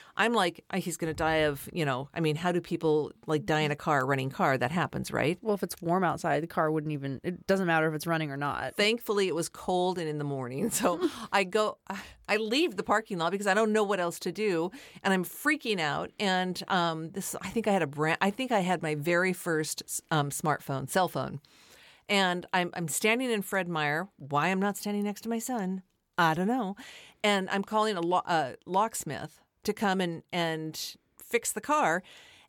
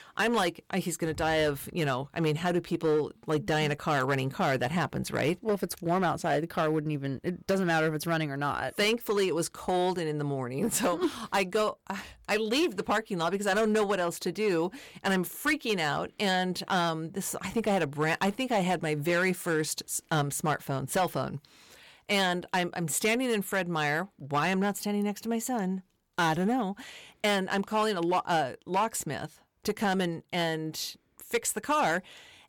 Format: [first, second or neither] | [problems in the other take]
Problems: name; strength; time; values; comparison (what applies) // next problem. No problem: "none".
first | distortion; slight; 5% of the sound clipped